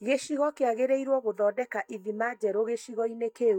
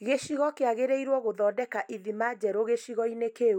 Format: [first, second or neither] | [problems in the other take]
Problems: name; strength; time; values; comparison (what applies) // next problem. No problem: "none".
second | noise reduction (neural mask model DeepFilterNet 3)